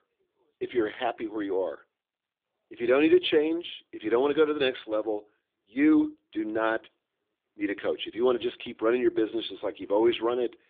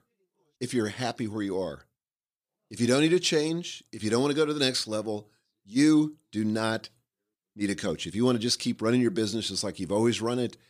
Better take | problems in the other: second | phone-call audio

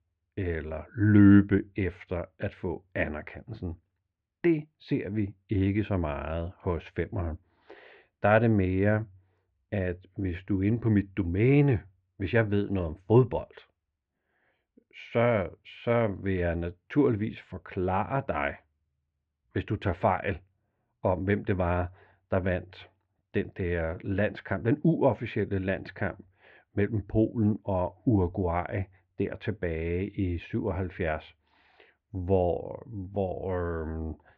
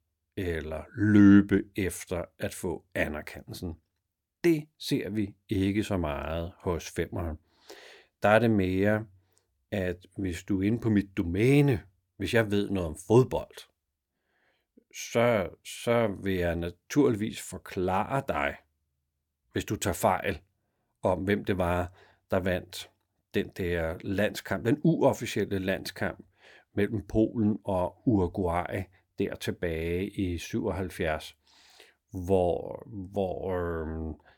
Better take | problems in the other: second | muffled; very; fading above 3 kHz

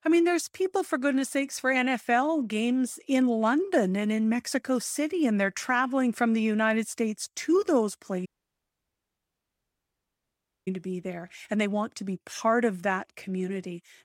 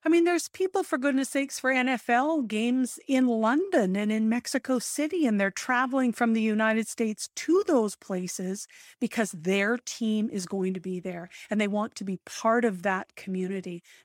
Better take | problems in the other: second | audio cutting out; at 8.5 s for 2.5 s

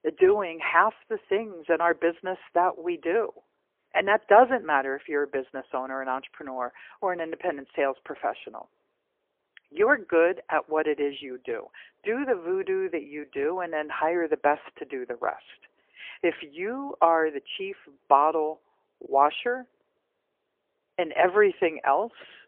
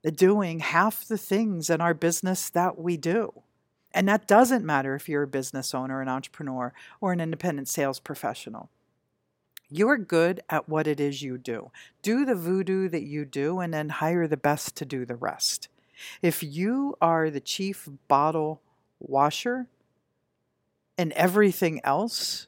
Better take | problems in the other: second | phone-call audio; poor line; nothing above 3 kHz

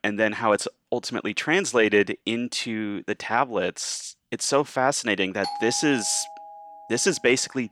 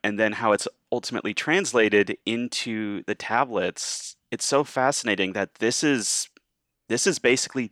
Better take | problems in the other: second | doorbell; noticeable; from 5.5 to 7 s; peak 8 dB below the speech

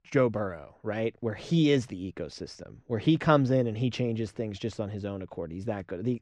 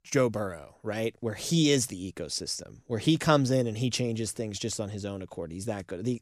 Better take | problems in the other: second | muffled; slightly; fading above 2.5 kHz

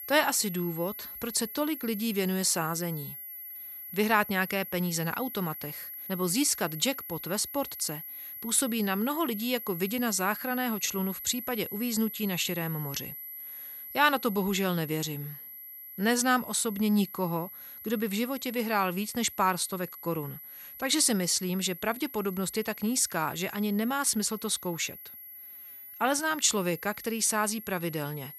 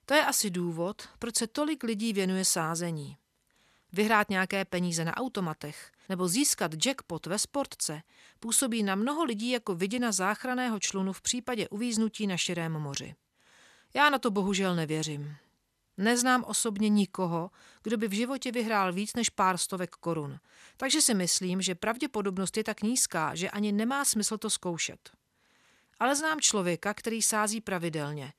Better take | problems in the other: second | high-pitched whine; noticeable; throughout; 12 kHz, 10 dB below the speech

